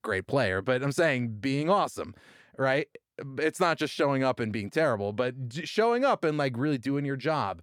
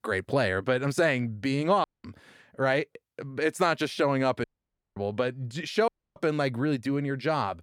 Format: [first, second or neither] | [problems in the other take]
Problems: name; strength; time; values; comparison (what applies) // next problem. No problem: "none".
first | audio cutting out; at 2 s, at 4.5 s for 0.5 s and at 6 s